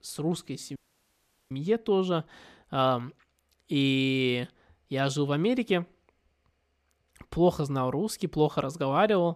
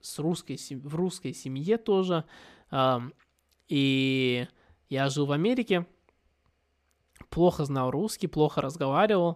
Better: second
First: audio cutting out; at 1 s for 1 s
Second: none

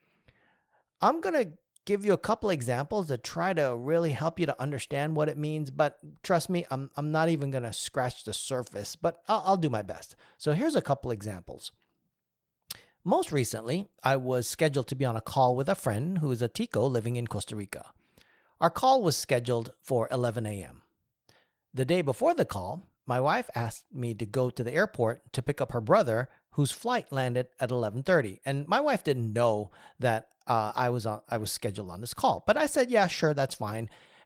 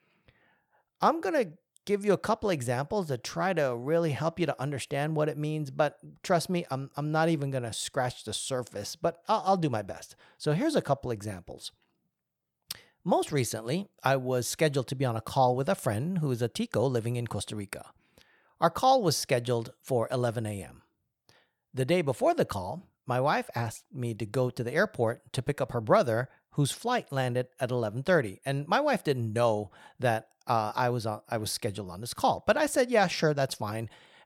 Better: second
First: garbled, watery; slightly; nothing above 19 kHz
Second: none

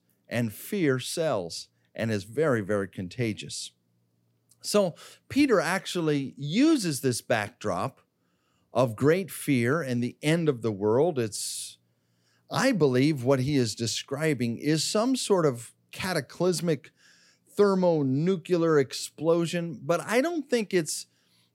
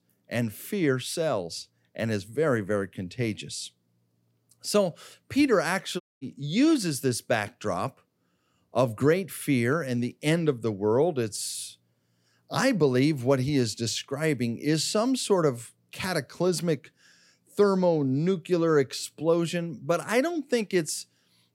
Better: first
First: none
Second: audio cutting out; at 6 s

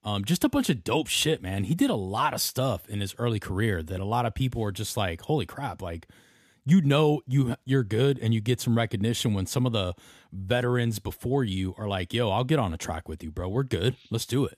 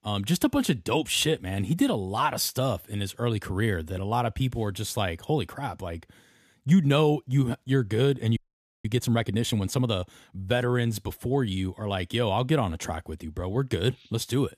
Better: first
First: none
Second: audio freezing; at 8.5 s

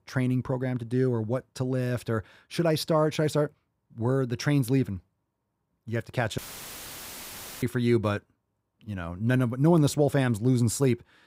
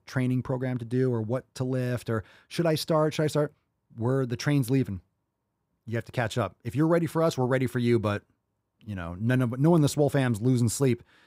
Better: second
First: audio cutting out; filled with static; at 6.5 s for 1 s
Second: none

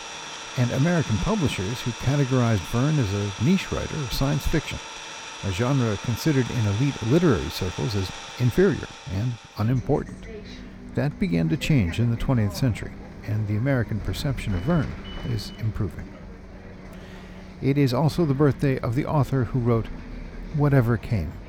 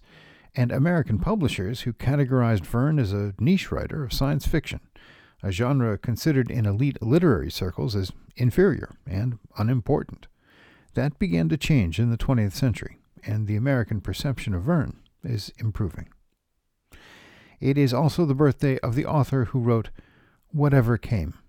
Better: second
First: traffic noise; noticeable; throughout; 10 dB below the speech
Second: none

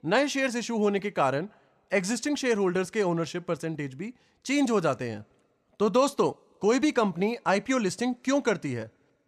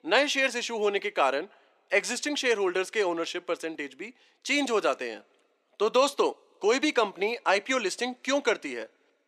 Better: first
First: none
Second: thin; somewhat; fading below 300 Hz

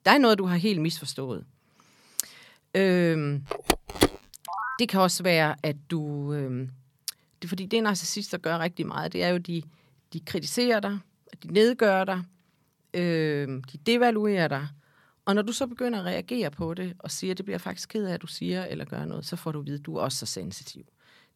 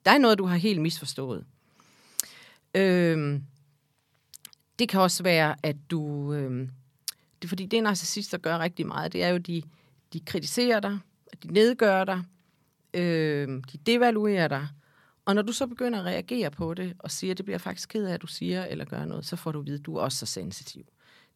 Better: second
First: phone ringing; loud; from 3.5 to 5 s; peak 2 dB above the speech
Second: none

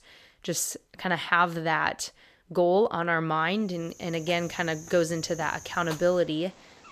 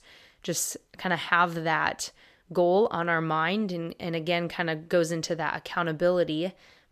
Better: second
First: animal sounds; noticeable; from 4 s on; 15 dB below the speech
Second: none

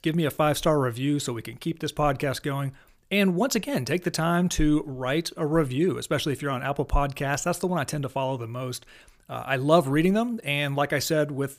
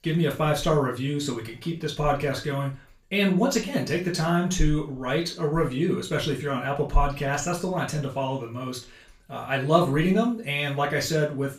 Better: first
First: none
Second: room echo; slight; dies away in 0.3 s // off-mic speech; far

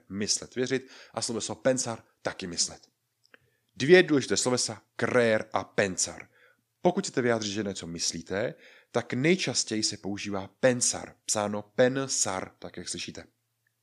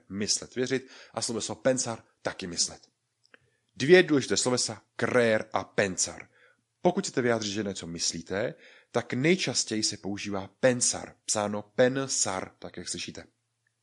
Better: first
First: none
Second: garbled, watery; slightly

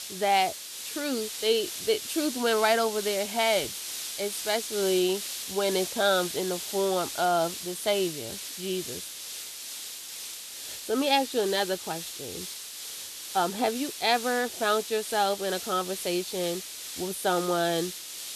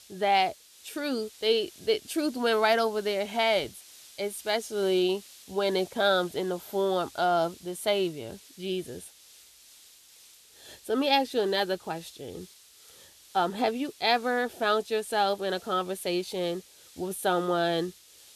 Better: second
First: hiss; loud; throughout; 7 dB below the speech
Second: hiss; faint; throughout; 20 dB below the speech

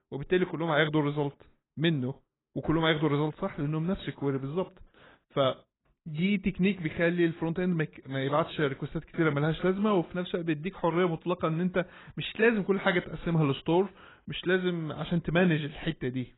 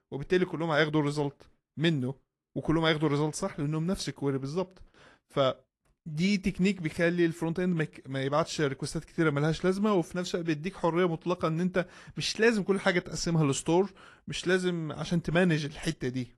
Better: second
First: garbled, watery; badly; nothing above 4 kHz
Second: garbled, watery; slightly; nothing above 11 kHz

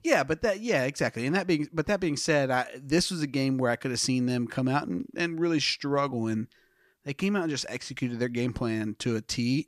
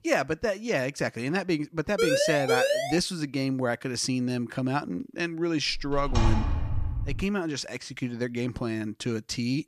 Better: first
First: none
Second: siren; loud; at 2 s; peak 4 dB above the speech // door banging; loud; from 5.5 to 7.5 s; peak 2 dB above the speech

